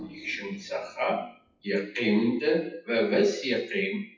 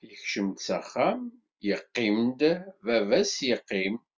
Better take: second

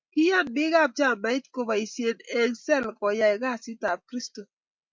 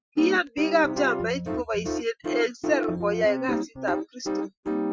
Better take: first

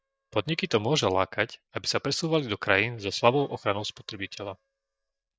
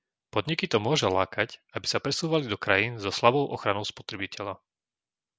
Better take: second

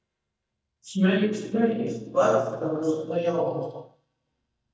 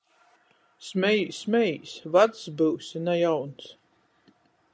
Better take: second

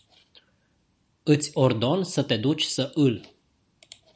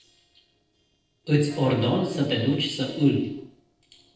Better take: first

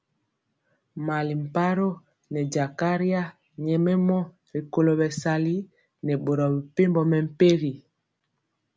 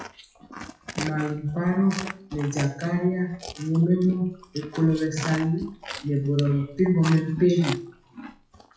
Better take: first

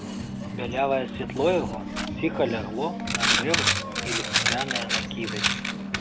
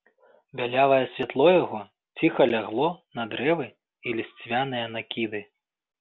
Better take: second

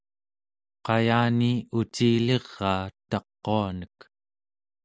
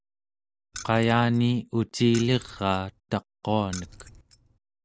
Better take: first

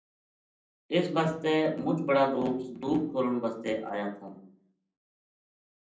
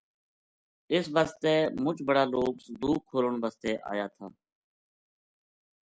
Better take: second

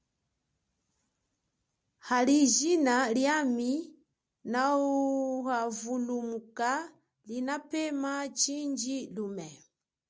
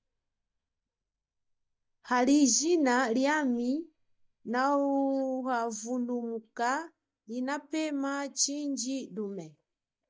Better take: first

